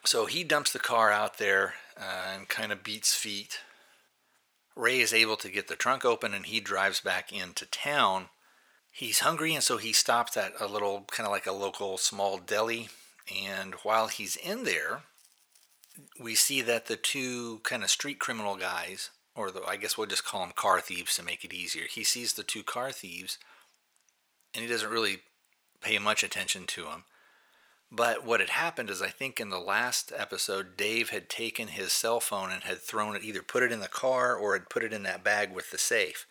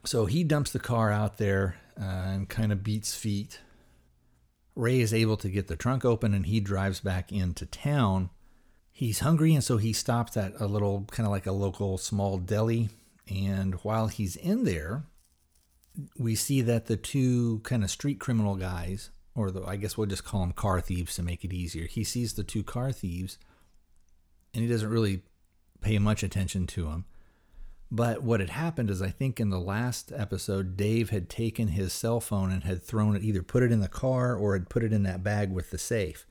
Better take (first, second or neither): second